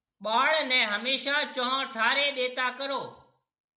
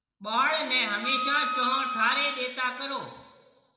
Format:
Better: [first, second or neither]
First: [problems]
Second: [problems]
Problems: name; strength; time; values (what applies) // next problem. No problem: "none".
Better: first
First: none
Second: background sound (Wind instrument, woodwind instrument); 4 dB below the speech // room echo; dies away in 1.4 s